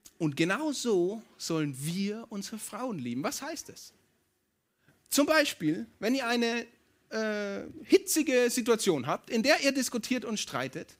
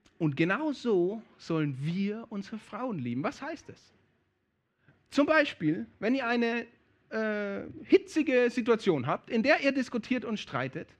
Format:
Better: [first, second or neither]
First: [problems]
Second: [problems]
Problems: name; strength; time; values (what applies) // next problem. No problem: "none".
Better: first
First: none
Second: muffled; slightly; fading above 2.5 kHz